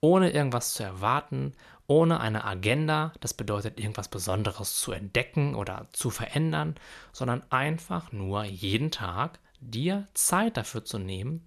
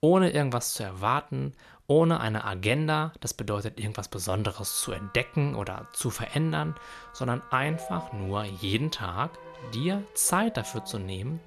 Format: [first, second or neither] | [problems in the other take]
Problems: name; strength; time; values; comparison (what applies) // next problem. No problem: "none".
first | background music; noticeable; from 4.5 s on; 20 dB below the speech